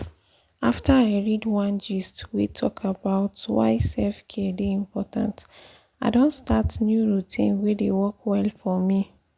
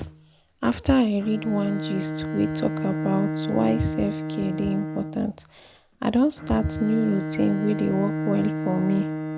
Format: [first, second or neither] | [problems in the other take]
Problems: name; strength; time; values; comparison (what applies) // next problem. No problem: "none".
first | background sound (Bowed string instrument); 5 dB below the speech